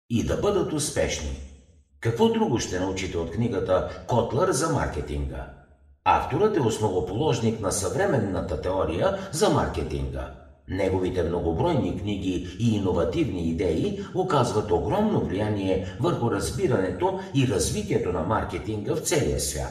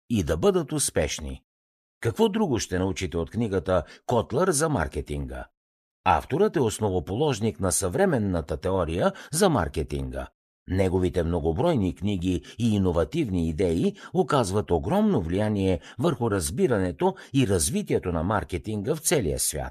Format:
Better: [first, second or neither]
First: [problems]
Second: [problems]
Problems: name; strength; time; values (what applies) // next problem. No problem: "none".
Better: second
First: room echo; slight; dies away in 0.8 s // off-mic speech; somewhat distant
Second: none